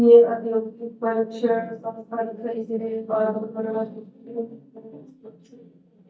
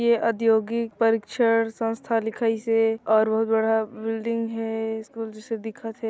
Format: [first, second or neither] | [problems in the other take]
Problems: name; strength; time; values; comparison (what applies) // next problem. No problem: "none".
second | noise reduction (neural mask model DeepFilterNet 3)